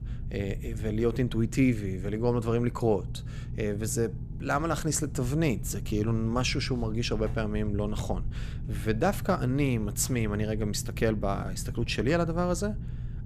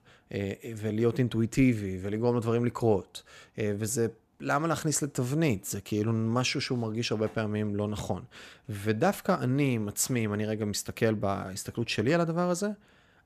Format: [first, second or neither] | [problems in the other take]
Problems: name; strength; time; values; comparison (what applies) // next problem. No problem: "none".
second | low rumble; noticeable; throughout; 20 dB below the speech